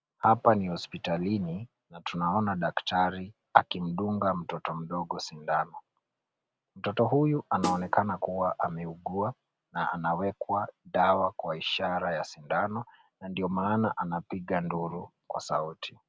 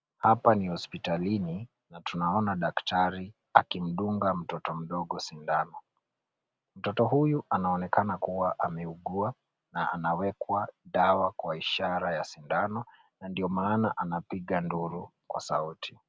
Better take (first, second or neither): second